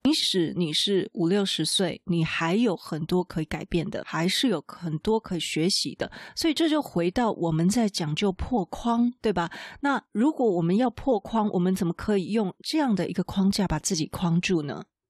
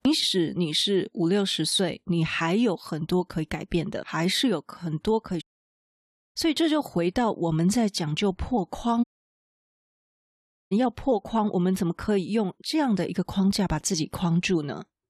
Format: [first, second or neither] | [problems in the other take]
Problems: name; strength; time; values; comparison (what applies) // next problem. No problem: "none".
first | audio cutting out; at 5.5 s for 1 s and at 9 s for 1.5 s